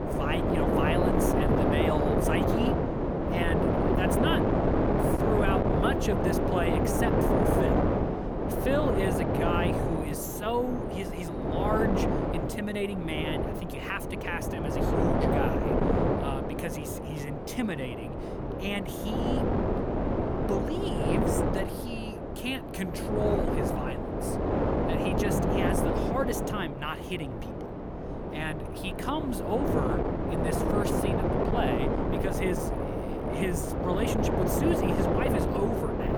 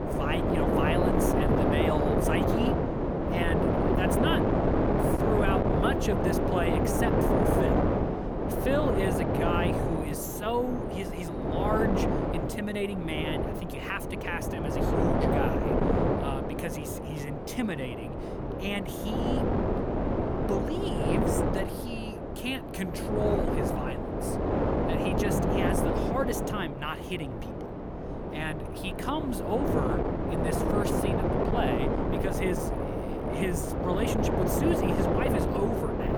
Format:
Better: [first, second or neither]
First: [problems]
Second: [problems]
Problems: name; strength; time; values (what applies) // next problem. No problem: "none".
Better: neither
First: wind noise on the microphone; heavy; 4 dB above the speech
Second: wind noise on the microphone; heavy; 4 dB above the speech